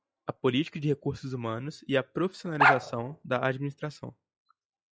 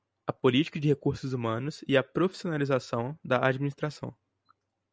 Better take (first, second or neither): second